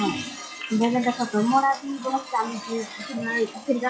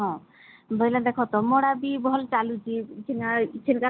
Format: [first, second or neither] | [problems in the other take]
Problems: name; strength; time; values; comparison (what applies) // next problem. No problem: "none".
second | noise reduction (classical method WPE with log-MMSE)